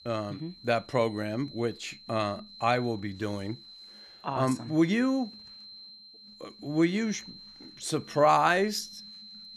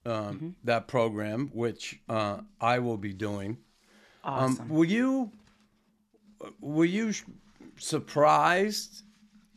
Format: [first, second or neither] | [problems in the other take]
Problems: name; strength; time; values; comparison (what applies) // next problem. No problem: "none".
second | high-pitched whine; noticeable; throughout; 4 kHz, 20 dB below the speech